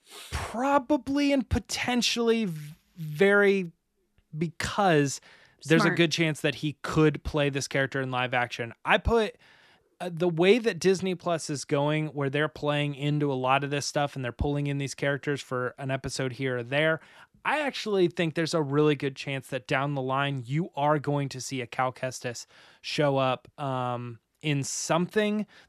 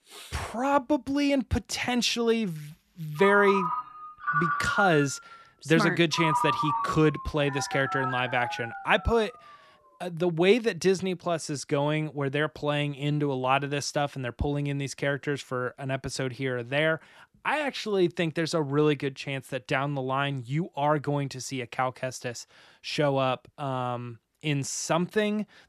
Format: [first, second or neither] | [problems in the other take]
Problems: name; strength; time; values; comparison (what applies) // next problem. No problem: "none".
first | phone ringing; loud; from 3 to 9 s; peak 1 dB above the speech